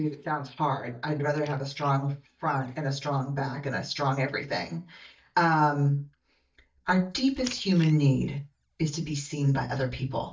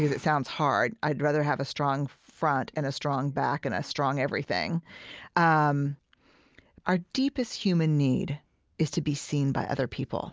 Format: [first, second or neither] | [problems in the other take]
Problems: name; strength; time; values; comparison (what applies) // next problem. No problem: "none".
second | noise reduction (neural mask model DeepFilterNet 3)